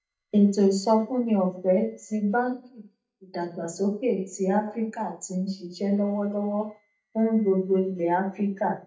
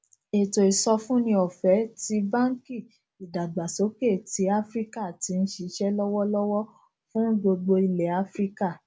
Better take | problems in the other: second | noise reduction (neural mask model DeepFilterNet 3)

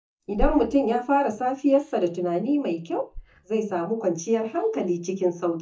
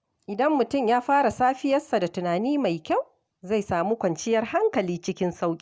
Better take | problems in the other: second | noise reduction (neural mask model DeepFilterNet 3)

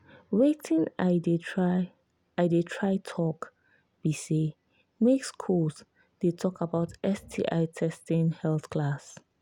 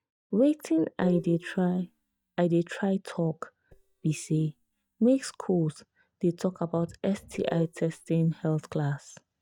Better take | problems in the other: first | noise reduction (neural mask model DeepFilterNet 3)

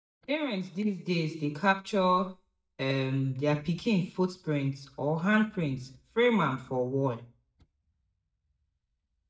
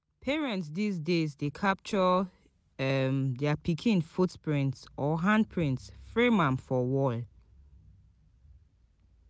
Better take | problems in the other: second | noise reduction (neural mask model DeepFilterNet 3)

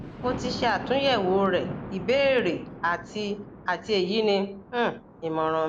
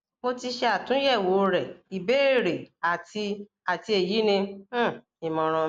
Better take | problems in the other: second | background sound (Thunder); 12 dB below the speech

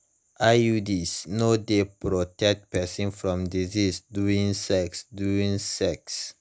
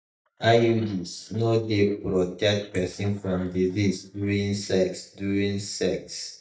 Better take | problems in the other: first | noise reduction (neural mask model DeepFilterNet 3)

